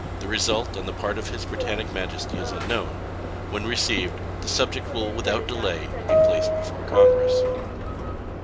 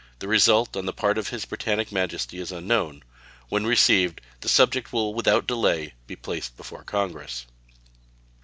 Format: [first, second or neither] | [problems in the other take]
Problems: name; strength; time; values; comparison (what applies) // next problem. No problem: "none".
second | background sound (Subway, metro, underground); 5 dB above the speech